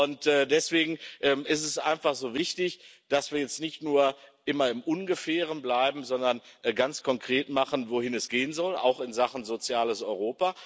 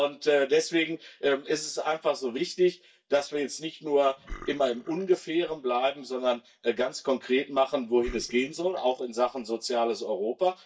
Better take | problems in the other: first | noise reduction (neural mask model DeepFilterNet 3)

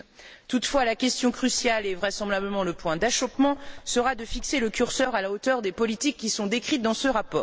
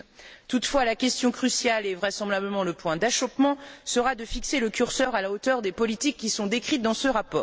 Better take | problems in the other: second | background sound (Knock); 17 dB below the speech

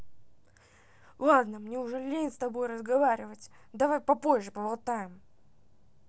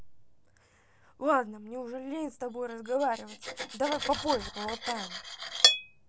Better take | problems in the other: first | background sound (Cutlery, silverware); 1 dB below the speech

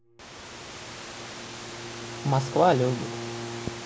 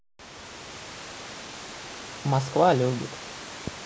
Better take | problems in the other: second | background sound (Bowed string instrument); 12 dB below the speech

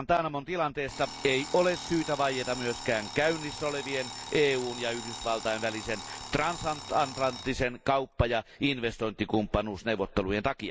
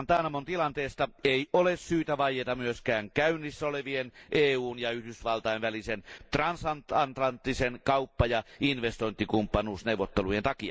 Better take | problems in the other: second | background sound (Alarm); 13 dB below the speech

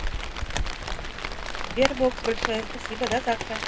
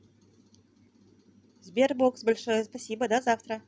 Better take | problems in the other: second | background sound (Rain); 1 dB below the speech // room echo; dies away in 0.2 s

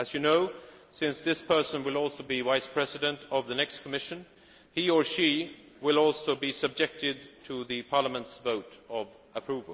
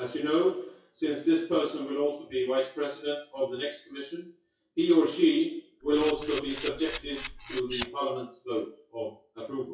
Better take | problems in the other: first | noise reduction (classical method WPE with log-MMSE)

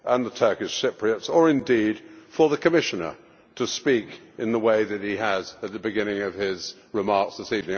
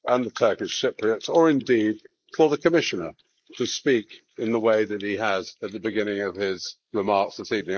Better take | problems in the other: first | noise reduction (neural mask model Resemble Enhance denoiser)

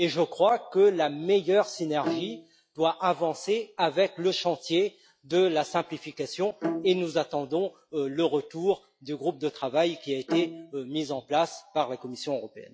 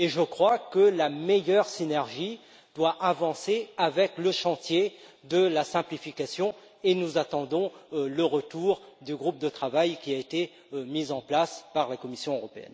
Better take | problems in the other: second | noise reduction (classical method log-MMSE)

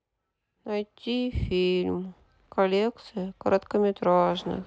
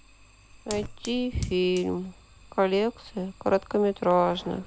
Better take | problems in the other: first | background sound (Fire); 19 dB below the speech

